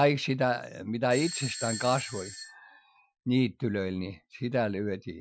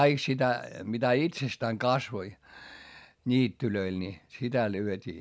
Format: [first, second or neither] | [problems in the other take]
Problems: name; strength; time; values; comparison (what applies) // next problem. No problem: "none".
second | noise reduction (classical method Wiener filter)